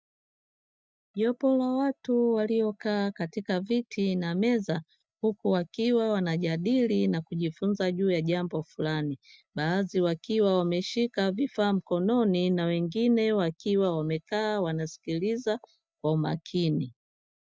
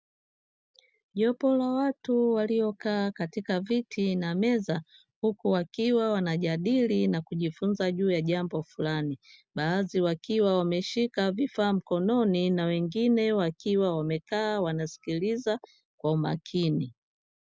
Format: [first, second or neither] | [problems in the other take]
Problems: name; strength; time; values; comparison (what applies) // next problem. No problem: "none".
second | noise reduction (neural mask model DeepFilterNet 3)